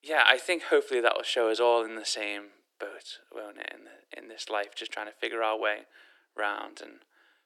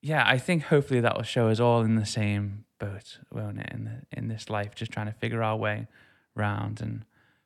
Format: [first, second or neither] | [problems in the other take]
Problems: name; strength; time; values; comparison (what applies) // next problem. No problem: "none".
second | thin; very; fading below 350 Hz